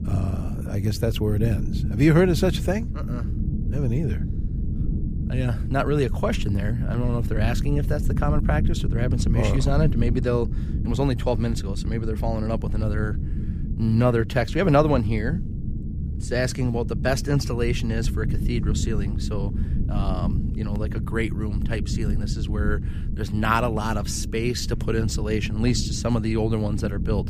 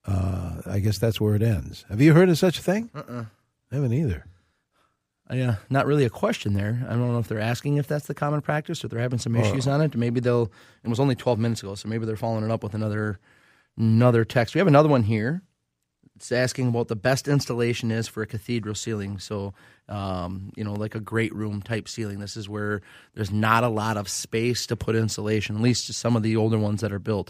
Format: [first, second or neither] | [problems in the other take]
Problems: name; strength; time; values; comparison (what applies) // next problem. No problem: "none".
second | low rumble; noticeable; throughout; 10 dB below the speech